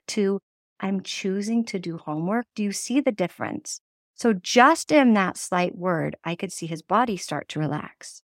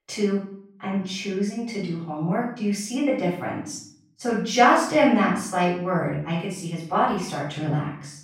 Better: first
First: none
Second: off-mic speech; far // room echo; noticeable; dies away in 0.5 s

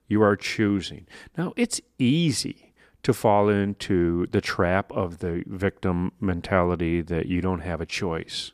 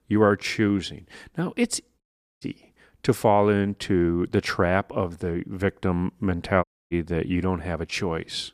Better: first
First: none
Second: audio cutting out; at 2 s and at 6.5 s

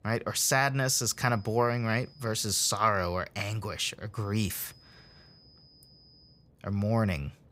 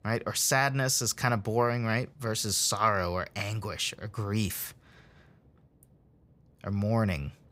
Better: second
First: high-pitched whine; faint; from 1 to 3 s and from 4 to 6.5 s; 5 kHz, 30 dB below the speech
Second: none

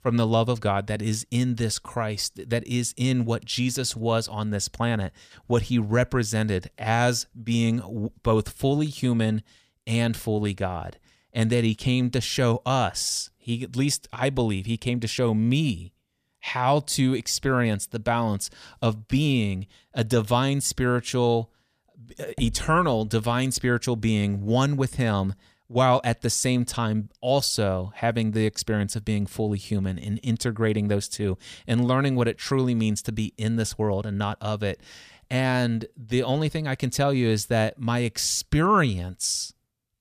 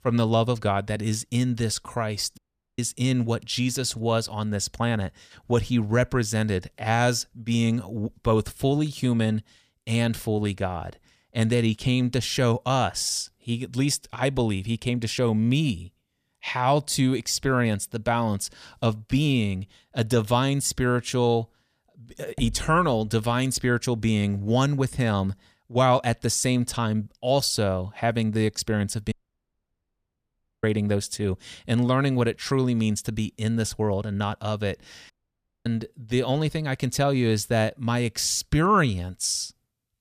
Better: first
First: none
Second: audio cutting out; at 2.5 s, at 29 s for 1.5 s and at 35 s for 0.5 s

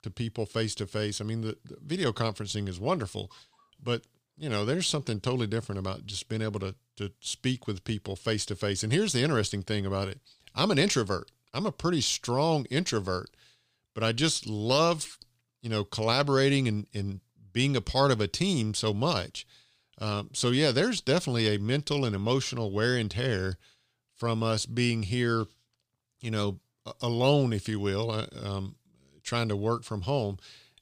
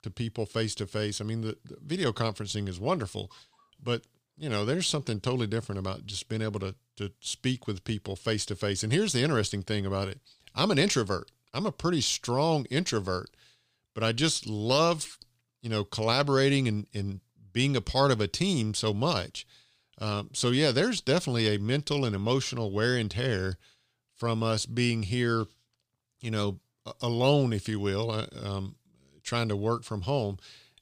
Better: neither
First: none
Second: none

